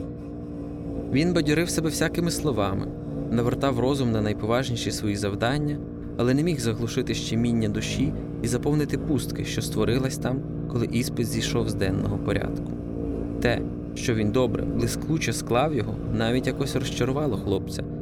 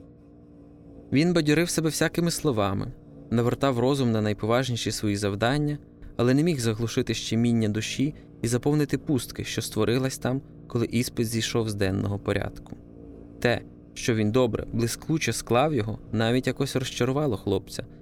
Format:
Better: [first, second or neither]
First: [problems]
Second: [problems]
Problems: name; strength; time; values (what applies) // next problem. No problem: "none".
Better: second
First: low rumble; loud; throughout; 9 dB below the speech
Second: low rumble; faint; throughout; 25 dB below the speech